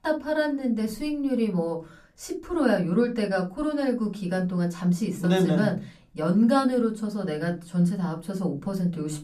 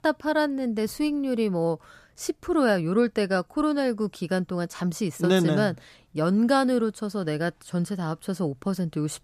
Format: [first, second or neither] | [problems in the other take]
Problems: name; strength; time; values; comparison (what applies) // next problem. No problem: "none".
second | off-mic speech; far // room echo; very slight; dies away in 0.3 s